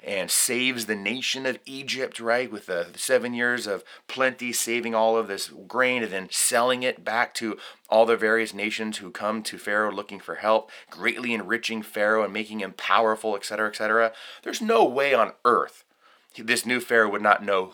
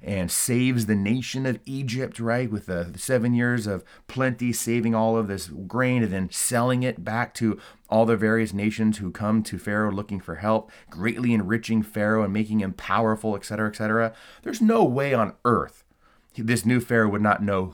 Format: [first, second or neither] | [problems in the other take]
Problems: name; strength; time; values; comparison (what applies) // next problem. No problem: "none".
second | thin; somewhat; fading below 500 Hz